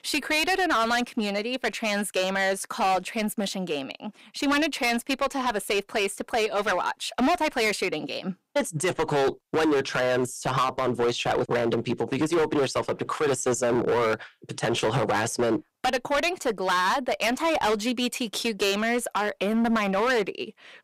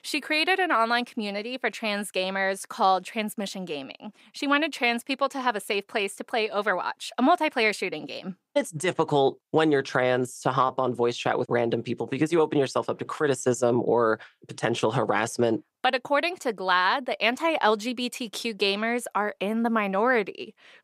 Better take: second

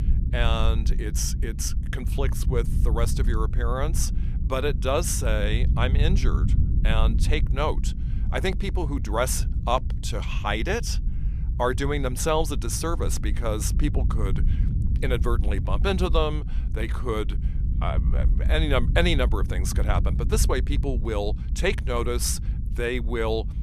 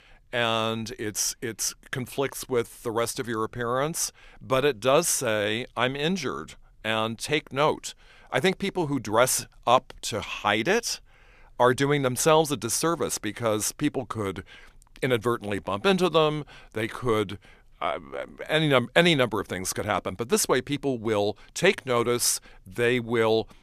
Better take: second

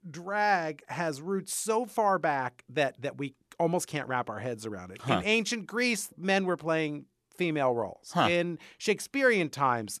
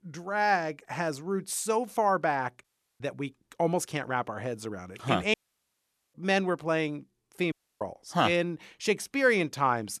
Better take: first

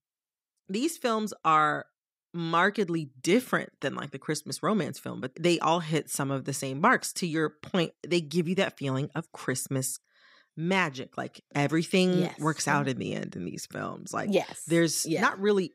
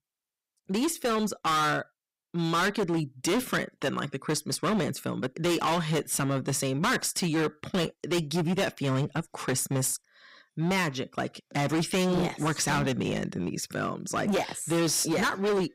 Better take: first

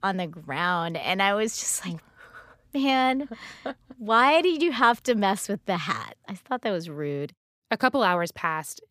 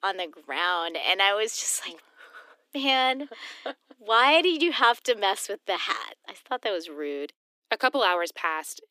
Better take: first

